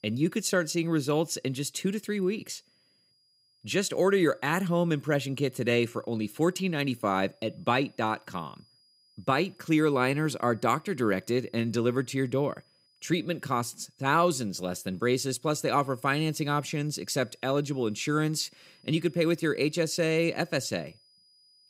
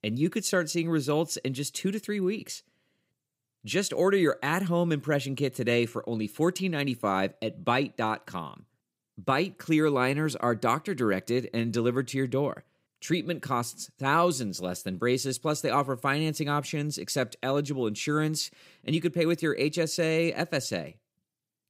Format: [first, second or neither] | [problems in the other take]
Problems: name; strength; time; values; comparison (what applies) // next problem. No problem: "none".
second | high-pitched whine; faint; throughout; 5 kHz, 35 dB below the speech